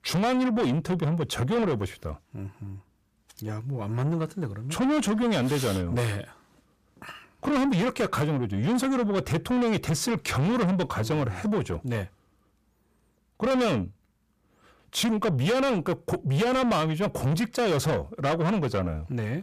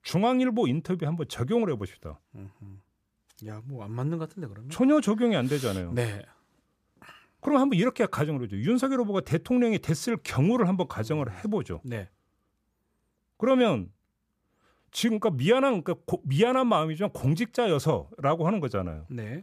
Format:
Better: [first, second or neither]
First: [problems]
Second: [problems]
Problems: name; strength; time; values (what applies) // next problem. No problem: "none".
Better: second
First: distortion; heavy; 7 dB below the speech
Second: none